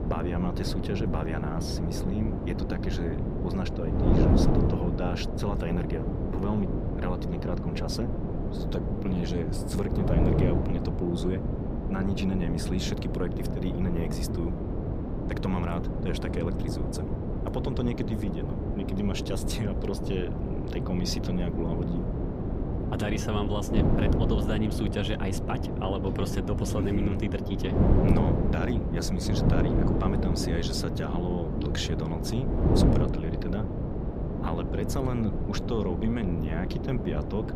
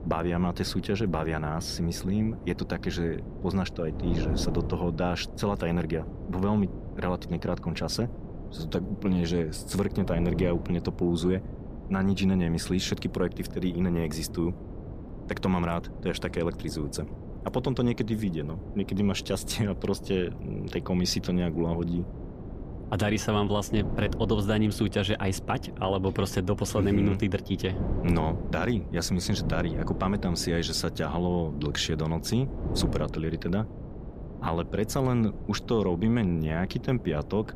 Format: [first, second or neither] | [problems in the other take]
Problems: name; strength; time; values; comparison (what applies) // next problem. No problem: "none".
second | wind noise on the microphone; heavy; as loud as the speech; occasional gusts in the second